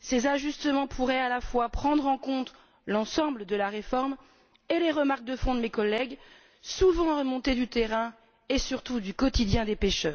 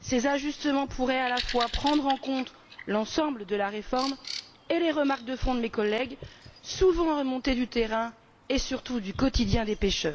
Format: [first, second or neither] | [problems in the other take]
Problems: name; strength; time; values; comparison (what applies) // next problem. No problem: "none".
first | background sound (Bird vocalization, bird call, bird song); 15 dB below the speech